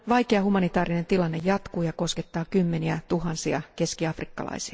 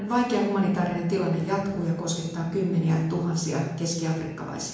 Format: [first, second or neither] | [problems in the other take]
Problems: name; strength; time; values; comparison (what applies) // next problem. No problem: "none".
first | room echo; dies away in 1 s